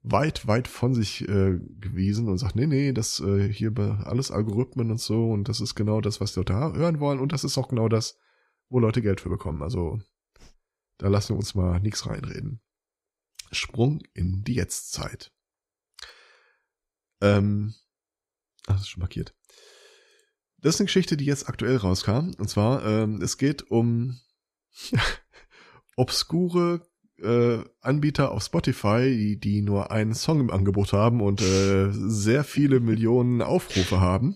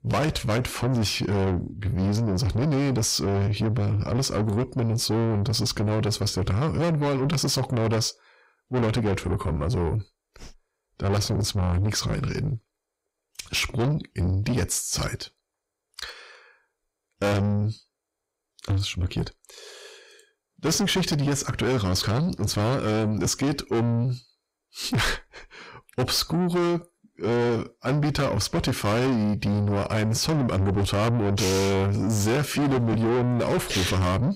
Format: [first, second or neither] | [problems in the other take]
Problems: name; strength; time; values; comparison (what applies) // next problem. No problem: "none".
first | distortion; heavy; 5 dB below the speech